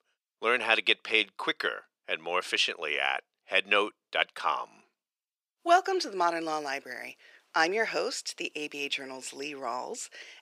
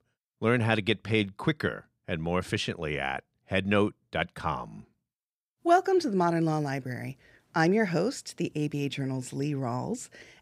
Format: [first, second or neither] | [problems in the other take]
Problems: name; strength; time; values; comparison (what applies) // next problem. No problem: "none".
second | thin; very; fading below 450 Hz